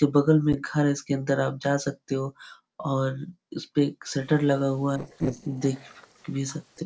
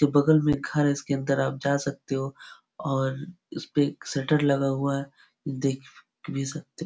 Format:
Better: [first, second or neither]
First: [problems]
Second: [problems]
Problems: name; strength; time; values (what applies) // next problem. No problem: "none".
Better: second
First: noise reduction (neural separator model SepFormer DNS4)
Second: none